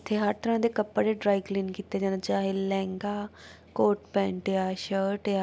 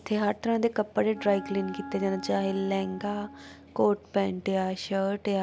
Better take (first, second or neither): first